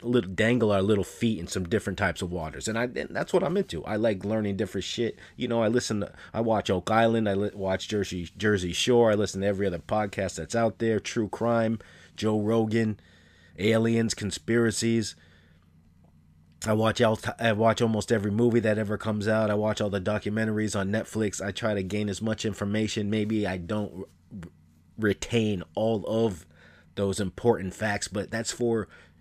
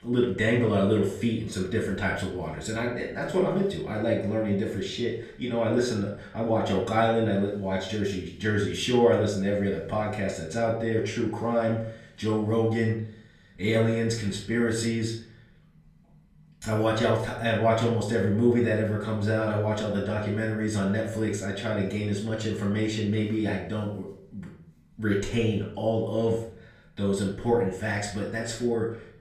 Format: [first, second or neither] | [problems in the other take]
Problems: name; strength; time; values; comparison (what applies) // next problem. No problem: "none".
first | off-mic speech; far // room echo; noticeable; dies away in 0.5 s